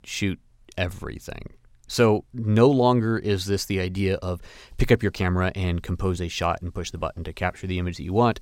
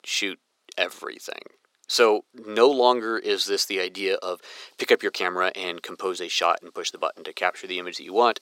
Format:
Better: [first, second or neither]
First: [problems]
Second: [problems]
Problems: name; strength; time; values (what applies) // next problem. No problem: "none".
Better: first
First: none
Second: thin; very; fading below 350 Hz